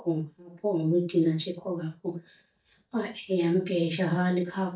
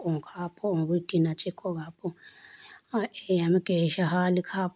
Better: second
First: noise reduction (neural mask model DeepFilterNet 3)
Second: none

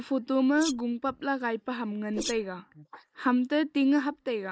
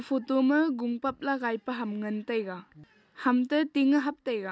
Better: second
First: noise reduction (neural mask model Resemble Enhance denoiser)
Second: none

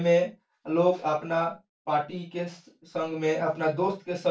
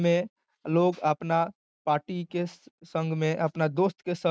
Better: second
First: room echo; dies away in 0.2 s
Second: none

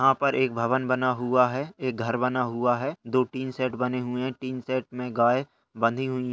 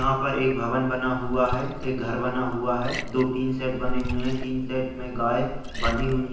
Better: first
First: none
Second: background sound (Liquid); 5 dB below the speech // room echo; dies away in 0.9 s

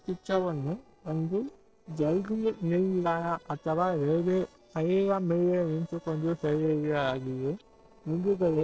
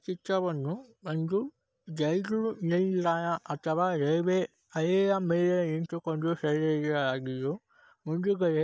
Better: second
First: noise reduction (neural separator model SepFormer DNS4)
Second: none

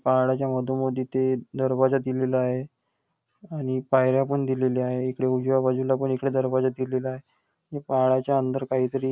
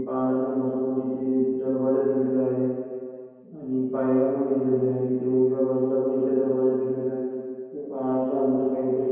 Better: first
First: none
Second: room echo; dies away in 2.2 s

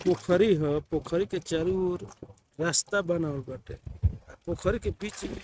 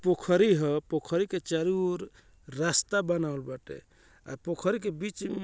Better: second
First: noise reduction (neural mask model RNNoise)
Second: none

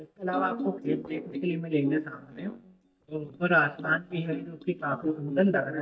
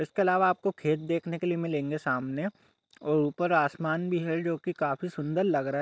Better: second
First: noise reduction (neural mask model DeepFilterNet 3)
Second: none

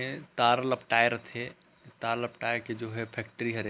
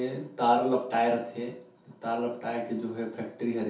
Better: first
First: none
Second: room echo; dies away in 0.5 s

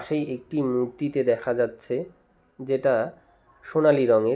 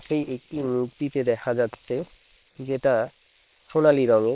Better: first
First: none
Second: noise reduction (neural separator model SepFormer WHAM!)

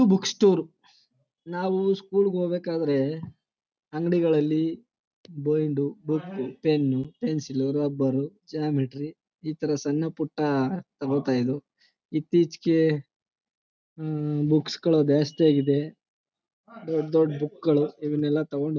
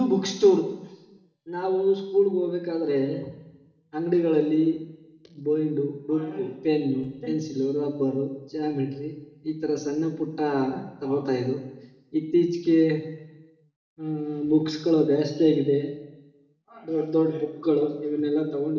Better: first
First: none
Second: room echo; dies away in 1.1 s

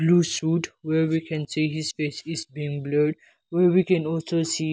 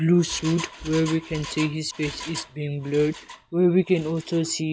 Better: first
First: none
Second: background sound (Engine); 16 dB below the speech

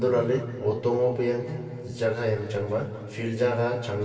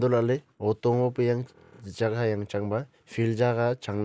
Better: second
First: background sound (Piano); 15 dB below the speech // room echo; dies away in 2.6 s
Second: none

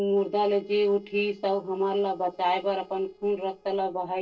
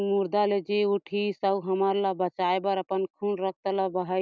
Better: second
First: noise reduction (neural separator model SepFormer DNS4)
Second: none

